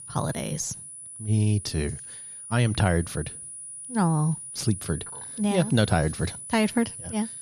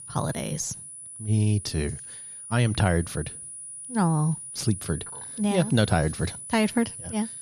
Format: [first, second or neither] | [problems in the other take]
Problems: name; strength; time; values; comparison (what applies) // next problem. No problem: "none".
neither | high-pitched whine; noticeable; throughout; 10 kHz, 10 dB below the speech; the same in both